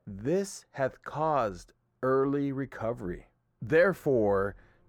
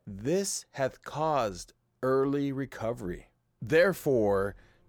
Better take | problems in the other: second | muffled; slightly; fading above 2.5 kHz

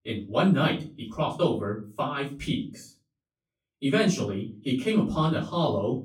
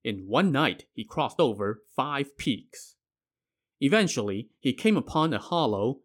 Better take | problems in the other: second | off-mic speech; far // room echo; slight; dies away in 0.3 s

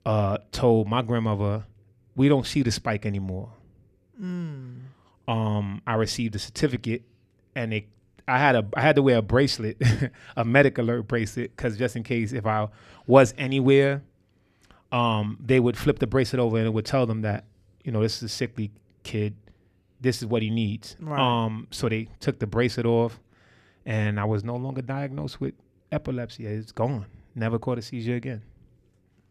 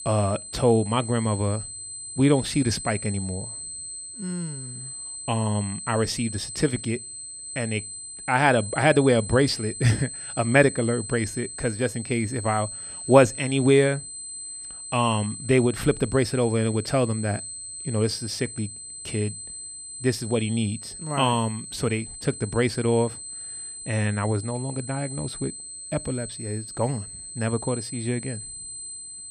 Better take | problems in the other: first | high-pitched whine; loud; throughout; 8 kHz, 9 dB below the speech

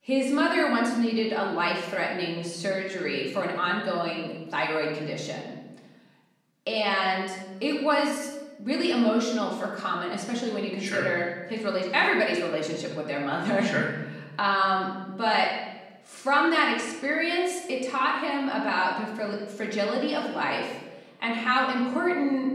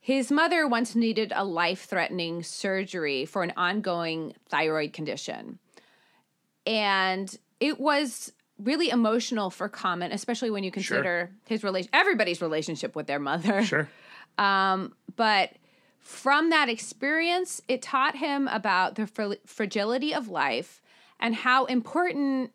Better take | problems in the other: second | off-mic speech; far // room echo; noticeable; dies away in 1 s

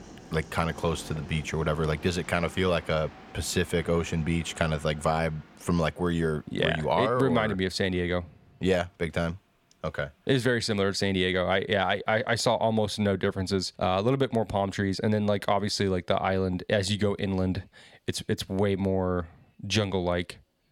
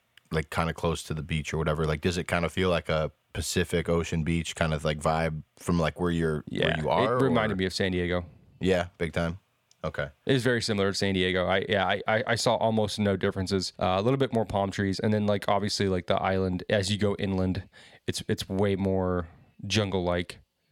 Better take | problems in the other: second | train or aircraft noise; faint; throughout; 20 dB below the speech

